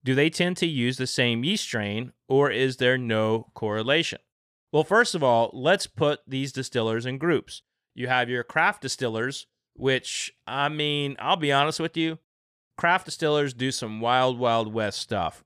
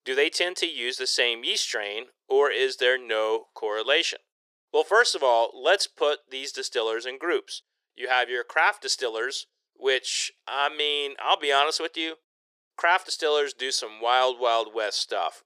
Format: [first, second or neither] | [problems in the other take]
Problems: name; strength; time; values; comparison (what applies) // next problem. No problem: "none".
first | thin; very; fading below 400 Hz